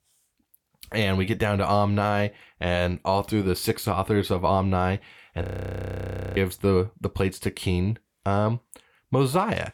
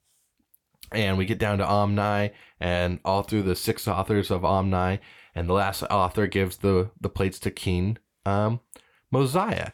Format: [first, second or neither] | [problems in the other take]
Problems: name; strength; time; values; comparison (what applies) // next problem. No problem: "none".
second | audio freezing; at 5.5 s for 1 s